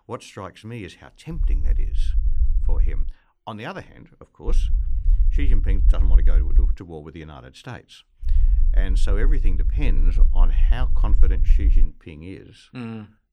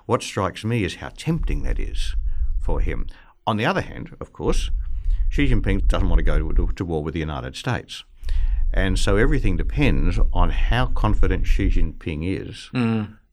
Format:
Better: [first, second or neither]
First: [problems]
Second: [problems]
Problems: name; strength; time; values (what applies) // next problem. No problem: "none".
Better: second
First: low rumble; loud; from 1.5 to 3 s, from 4.5 to 6.5 s and from 8.5 to 12 s; 9 dB below the speech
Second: low rumble; faint; from 1.5 to 3 s, from 4.5 to 6.5 s and from 8.5 to 12 s; 25 dB below the speech